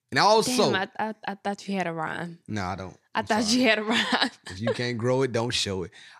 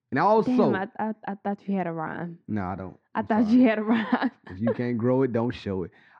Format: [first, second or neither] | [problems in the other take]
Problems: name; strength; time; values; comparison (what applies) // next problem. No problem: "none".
first | muffled; very; fading above 1.5 kHz